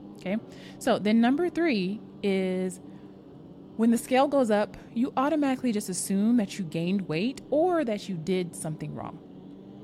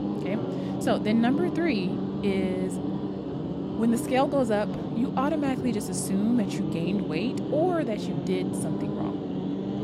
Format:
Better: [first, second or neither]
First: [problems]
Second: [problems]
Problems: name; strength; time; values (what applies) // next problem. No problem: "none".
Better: first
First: low rumble; faint; throughout; 20 dB below the speech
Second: low rumble; loud; throughout; 5 dB below the speech